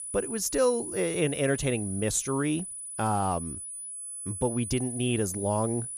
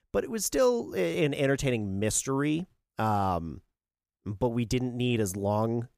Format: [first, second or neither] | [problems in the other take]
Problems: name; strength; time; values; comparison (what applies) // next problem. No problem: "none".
second | high-pitched whine; loud; throughout; 10 kHz, 7 dB below the speech